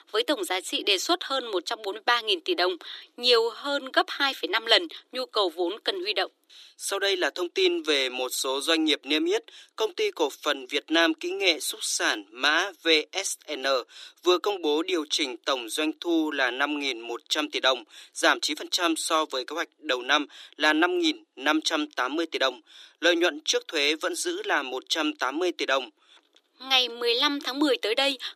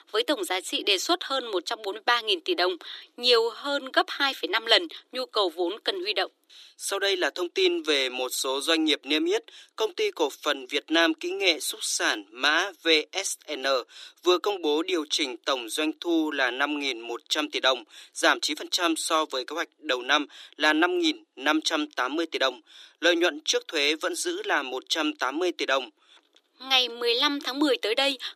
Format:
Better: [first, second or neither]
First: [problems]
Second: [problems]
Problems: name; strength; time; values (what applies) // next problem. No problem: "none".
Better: neither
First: thin; somewhat; fading below 300 Hz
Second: thin; somewhat; fading below 300 Hz